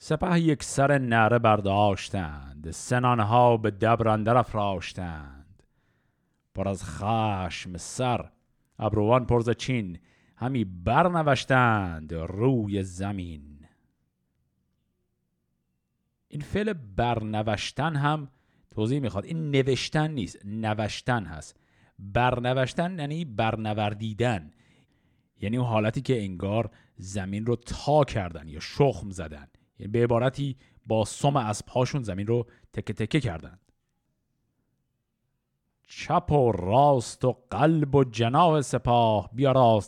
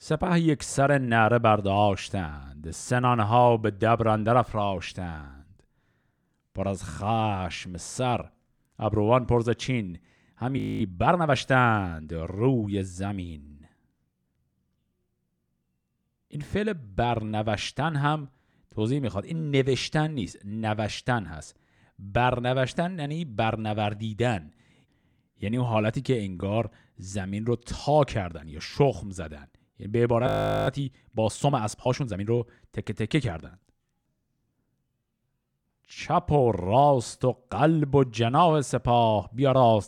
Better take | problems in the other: first | audio freezing; at 11 s and at 30 s

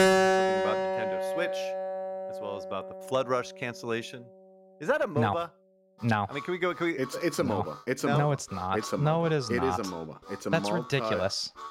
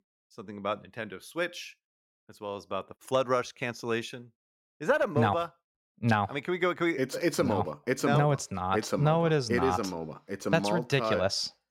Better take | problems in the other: second | background music; loud; throughout; 1 dB below the speech

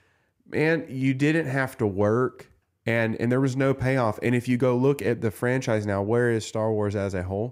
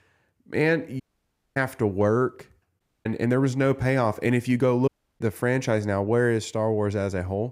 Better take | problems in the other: first | audio cutting out; at 1 s for 0.5 s, at 3 s and at 5 s

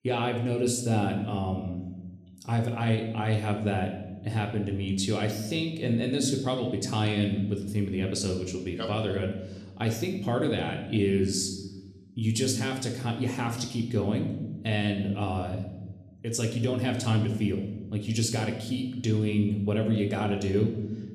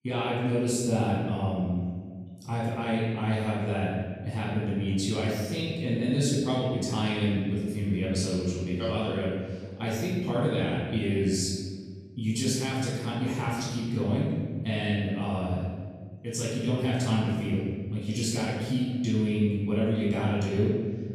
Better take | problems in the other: first | room echo; strong; dies away in 1.6 s; slight in the first // off-mic speech; far

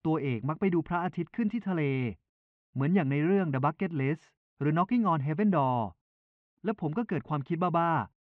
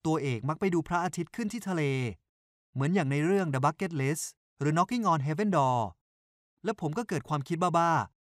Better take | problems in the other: second | muffled; very; fading above 3 kHz

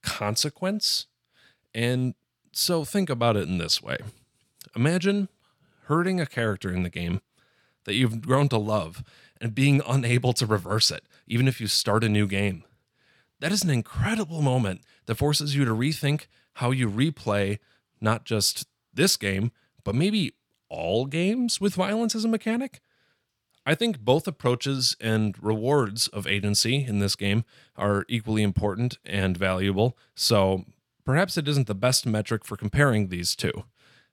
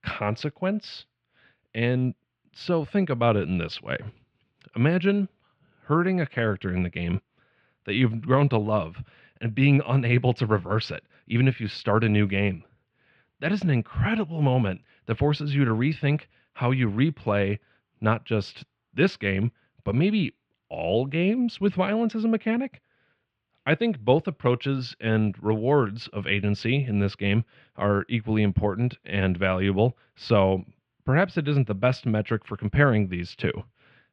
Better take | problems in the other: first | muffled; very; fading above 3 kHz

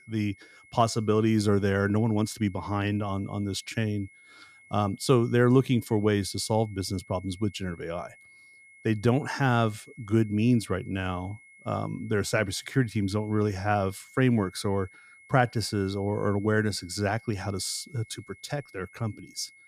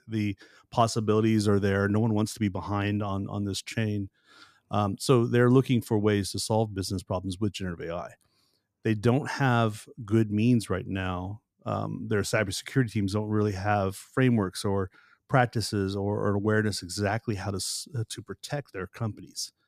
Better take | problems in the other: second | high-pitched whine; faint; throughout; 2 kHz, 25 dB below the speech

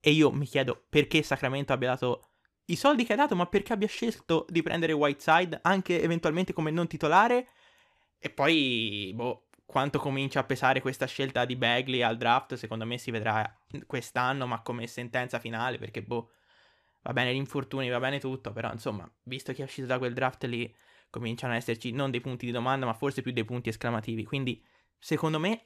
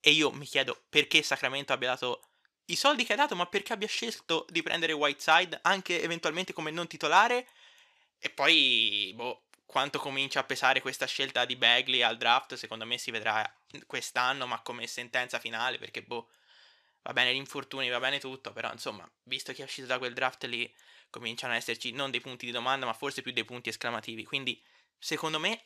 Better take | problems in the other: first | thin; somewhat; fading below 700 Hz

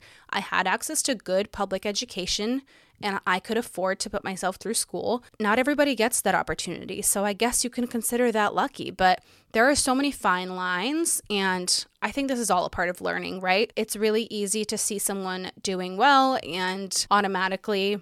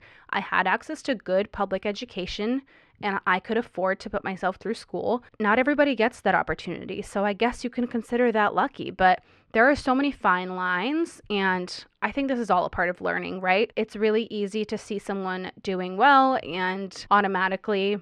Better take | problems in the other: first | muffled; slightly; fading above 2 kHz

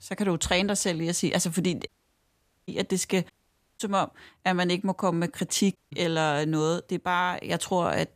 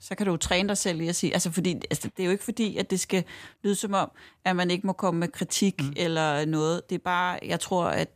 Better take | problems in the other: second | audio cutting out; at 2 s for 1 s, at 3.5 s and at 6 s

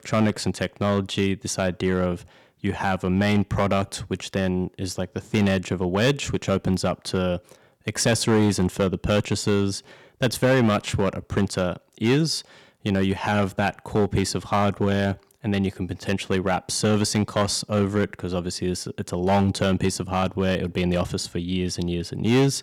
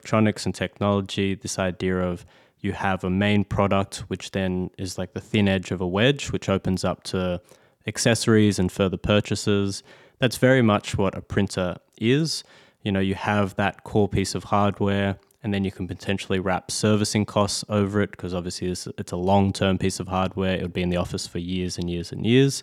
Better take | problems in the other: second | distortion; slight; 4% of the sound clipped

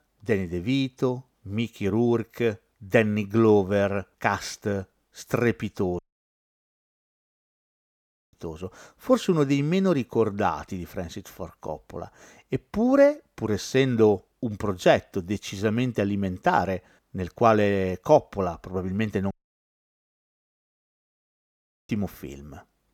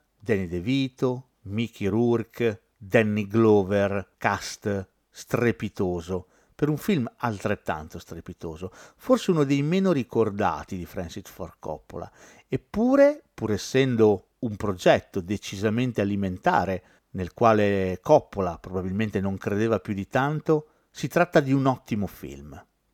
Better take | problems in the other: second | audio cutting out; at 6 s for 2.5 s and at 19 s for 2.5 s

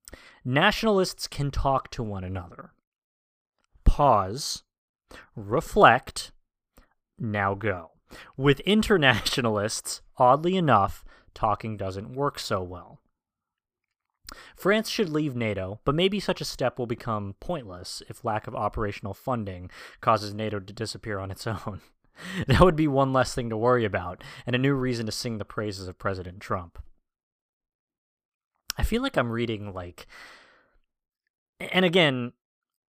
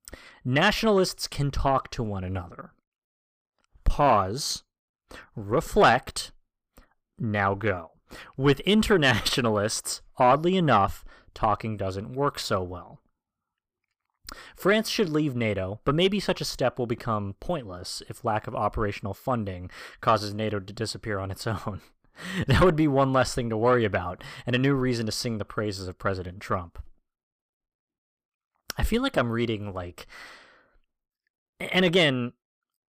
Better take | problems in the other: first | distortion; slight; 10 dB below the speech

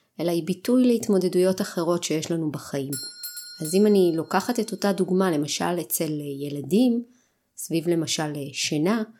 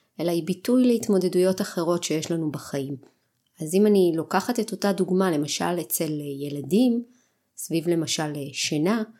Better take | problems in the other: second | doorbell; noticeable; from 3 to 4.5 s; peak 8 dB below the speech

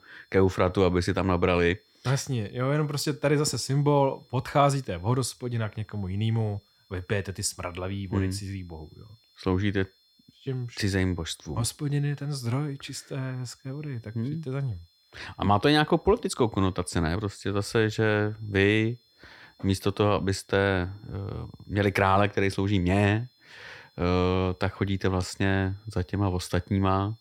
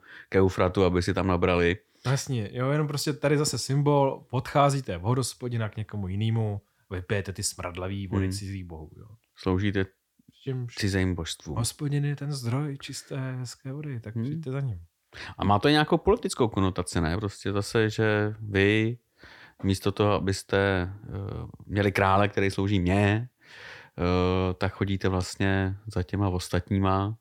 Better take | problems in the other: second | high-pitched whine; faint; throughout; 4 kHz, 35 dB below the speech

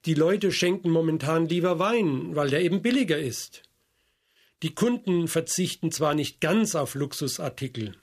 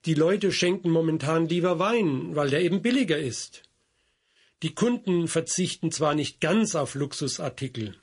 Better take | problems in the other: first | garbled, watery; slightly; nothing above 10.5 kHz

